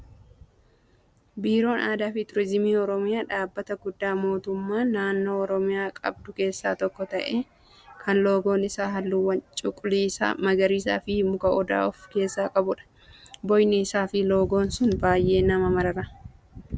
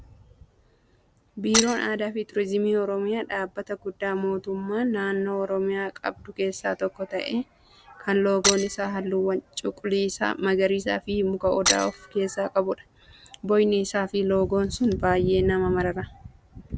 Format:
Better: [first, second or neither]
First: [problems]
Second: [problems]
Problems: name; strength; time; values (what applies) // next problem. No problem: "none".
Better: first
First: none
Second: background sound (Shatter); 3 dB below the speech